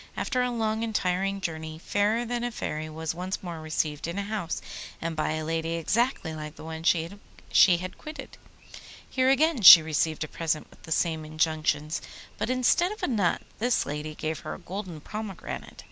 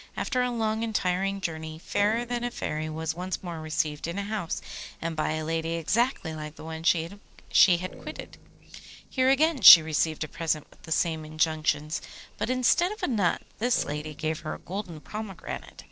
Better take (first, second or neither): first